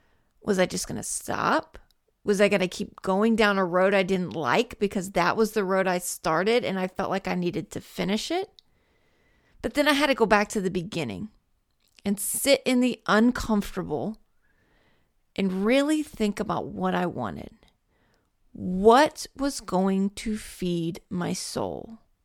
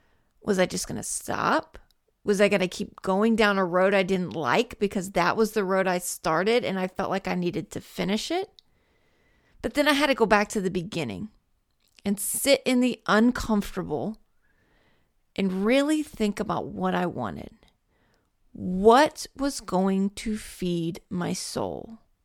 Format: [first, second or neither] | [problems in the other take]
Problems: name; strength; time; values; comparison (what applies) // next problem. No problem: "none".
neither | none